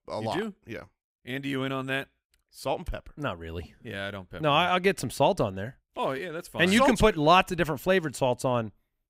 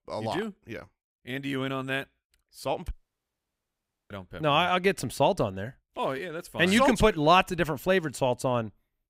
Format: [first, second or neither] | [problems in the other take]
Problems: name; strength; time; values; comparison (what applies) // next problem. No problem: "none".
first | audio cutting out; at 3 s for 1 s